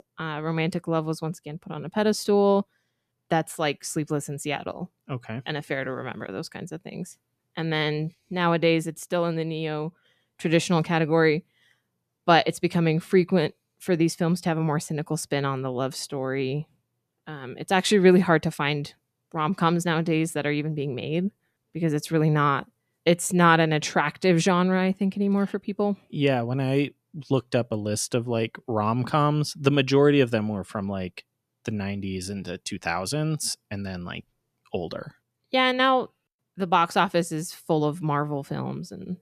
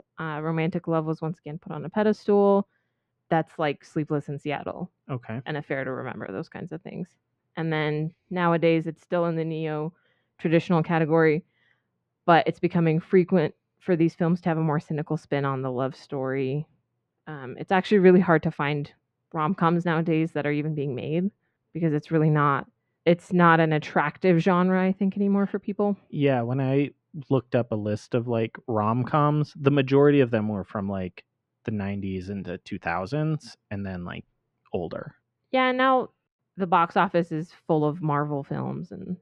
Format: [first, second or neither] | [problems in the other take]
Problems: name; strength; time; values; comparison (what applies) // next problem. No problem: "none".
first | muffled; very; fading above 2 kHz